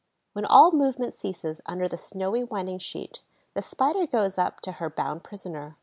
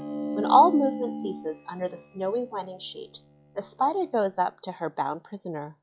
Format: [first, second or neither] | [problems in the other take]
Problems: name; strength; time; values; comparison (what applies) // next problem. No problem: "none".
first | noise reduction (classical method log-MMSE)